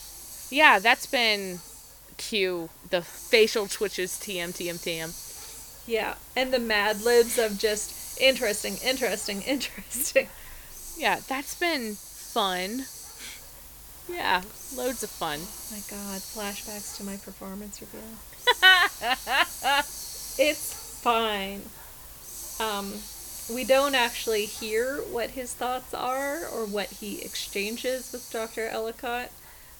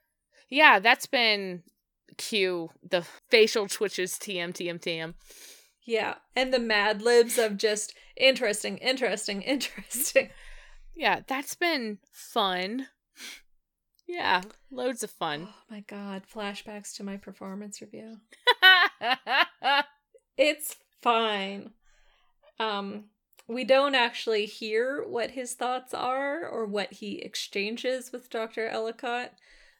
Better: second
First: hiss; noticeable; throughout; 15 dB below the speech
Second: none

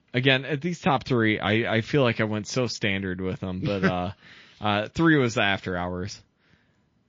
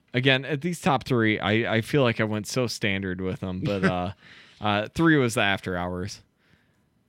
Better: second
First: garbled, watery; slightly; nothing above 6 kHz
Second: none

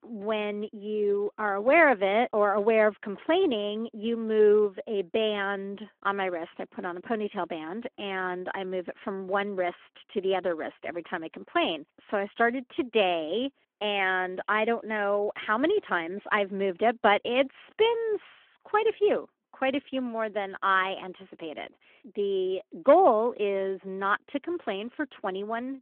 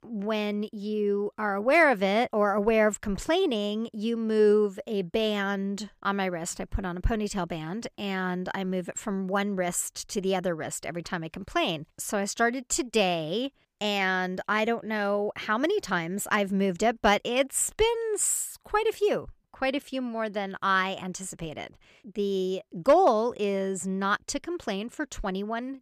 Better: second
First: phone-call audio; nothing above 3.5 kHz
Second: none

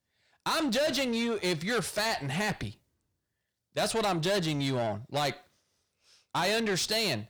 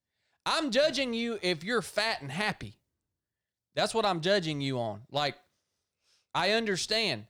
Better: second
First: distortion; heavy; 7 dB below the speech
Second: none

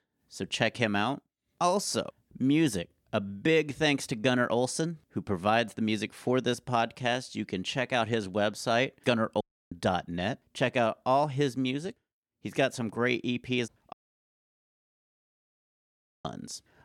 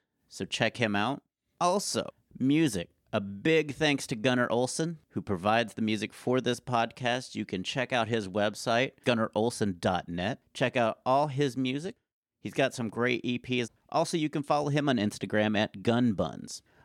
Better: second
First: audio cutting out; at 9.5 s and at 14 s for 2.5 s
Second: none

